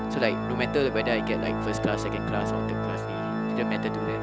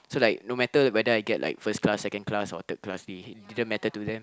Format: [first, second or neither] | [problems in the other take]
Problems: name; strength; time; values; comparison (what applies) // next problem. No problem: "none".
second | background sound (Organ); 1 dB above the speech